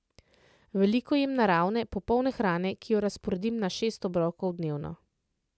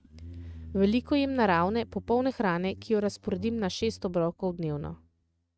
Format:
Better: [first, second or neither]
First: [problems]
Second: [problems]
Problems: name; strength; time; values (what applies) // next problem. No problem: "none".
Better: first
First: none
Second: noise reduction (neural mask model RNNoise)